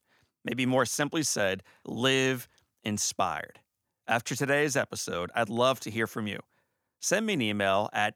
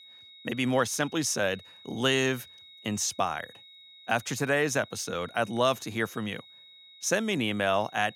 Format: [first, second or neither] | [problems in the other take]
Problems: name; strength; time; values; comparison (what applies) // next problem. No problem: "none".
first | high-pitched whine; faint; throughout; 4 kHz, 20 dB below the speech